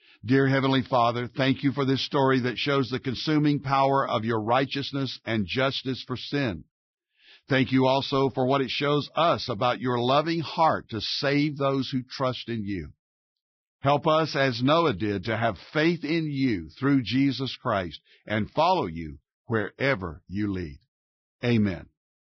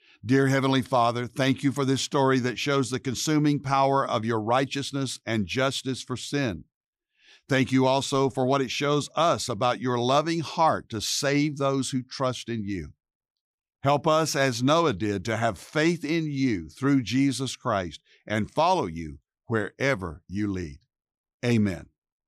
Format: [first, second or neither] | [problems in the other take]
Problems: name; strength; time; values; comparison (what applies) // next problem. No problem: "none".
second | garbled, watery; badly; nothing above 5.5 kHz